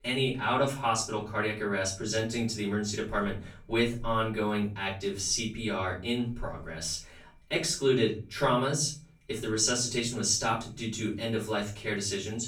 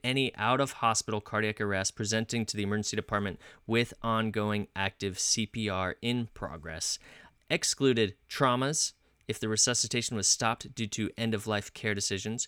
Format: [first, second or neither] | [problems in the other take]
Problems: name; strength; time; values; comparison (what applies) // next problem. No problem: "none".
second | off-mic speech; far // room echo; slight; dies away in 0.4 s